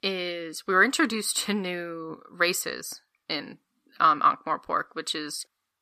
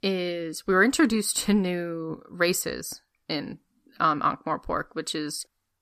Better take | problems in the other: second | thin; somewhat; fading below 650 Hz

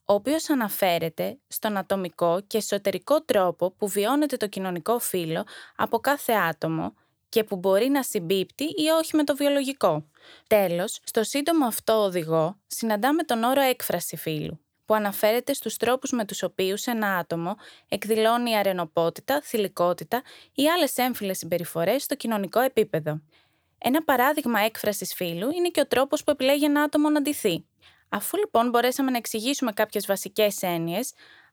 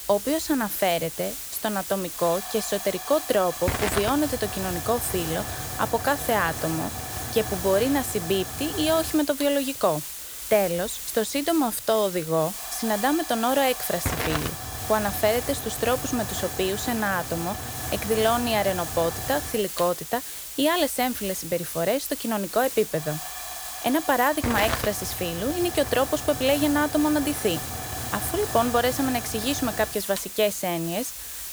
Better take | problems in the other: first | hiss; loud; throughout; 6 dB below the speech

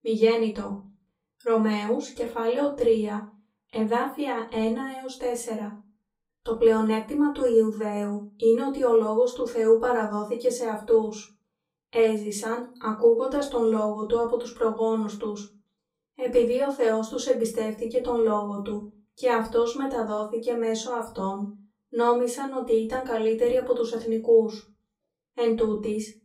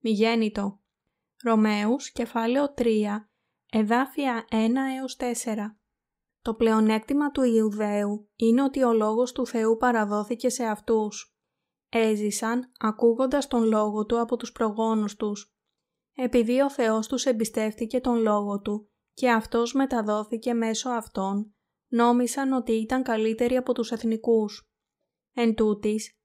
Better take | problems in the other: second | off-mic speech; far // room echo; slight; dies away in 0.3 s

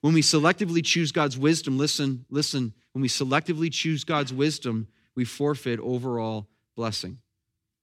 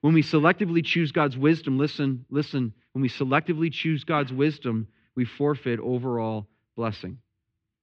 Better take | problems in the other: first | muffled; very; fading above 3 kHz

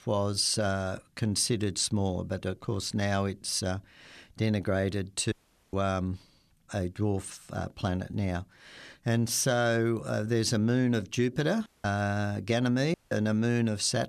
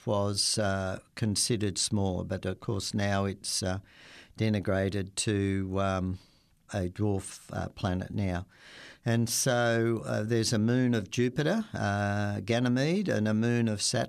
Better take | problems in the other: second | audio cutting out; at 5.5 s, at 12 s and at 13 s

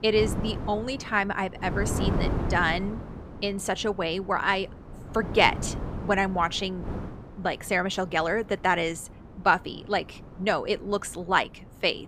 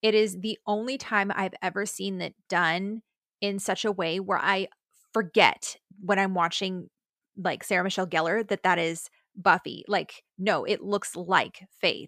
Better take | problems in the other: second | wind noise on the microphone; occasional gusts; 15 dB below the speech

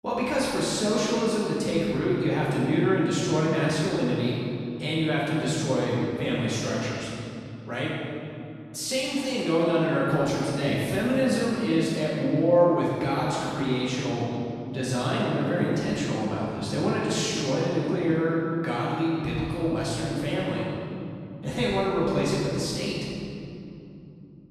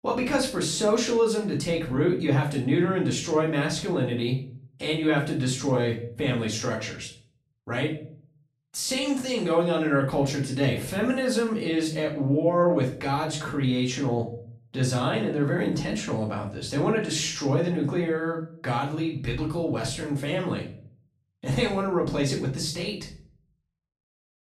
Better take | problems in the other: second | room echo; strong; dies away in 2.7 s; slight in the second // off-mic speech; far; far in the second

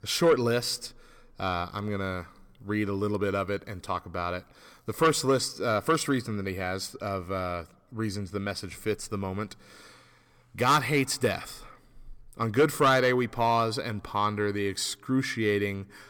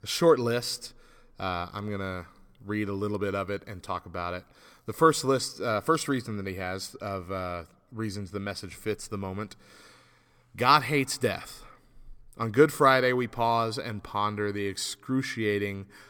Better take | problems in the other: second | distortion; slight; 10 dB below the speech

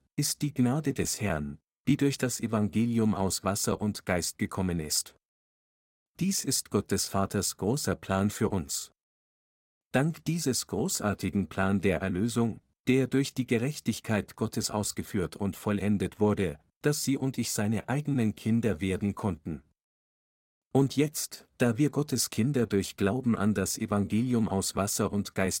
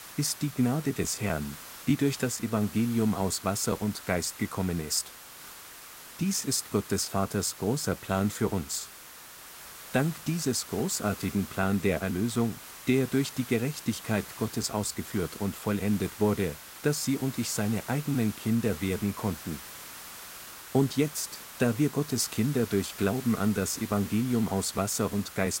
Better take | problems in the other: first | hiss; noticeable; throughout; 15 dB below the speech

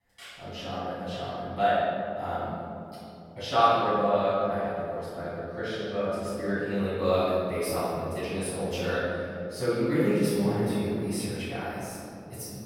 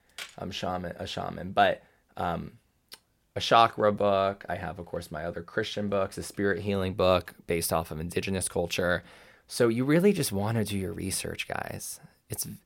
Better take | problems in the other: second | off-mic speech; far // room echo; strong; dies away in 2.8 s

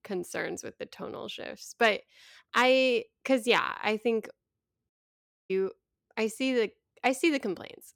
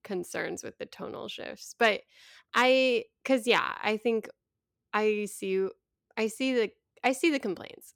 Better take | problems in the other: second | audio cutting out; at 5 s for 0.5 s

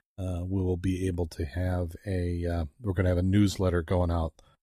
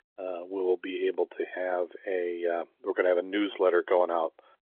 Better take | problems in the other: first | phone-call audio

